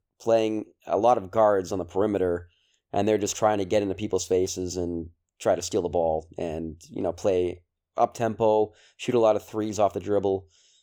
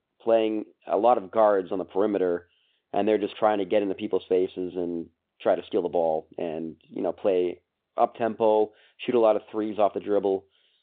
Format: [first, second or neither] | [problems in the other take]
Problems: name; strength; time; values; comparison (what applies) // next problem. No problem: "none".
first | phone-call audio; nothing above 3.5 kHz